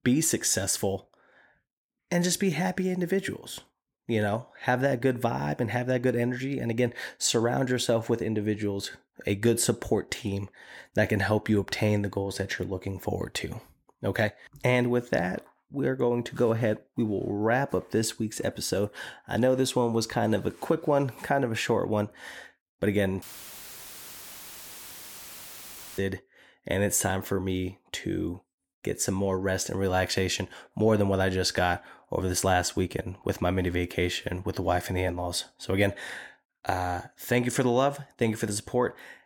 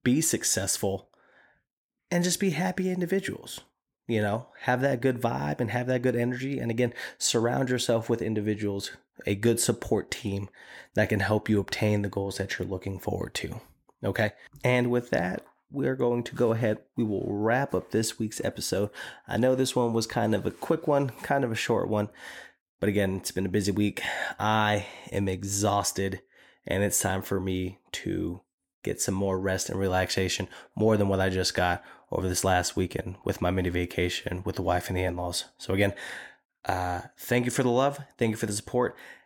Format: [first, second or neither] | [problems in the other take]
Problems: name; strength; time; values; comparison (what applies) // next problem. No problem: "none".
second | audio cutting out; filled with static; at 23 s for 3 s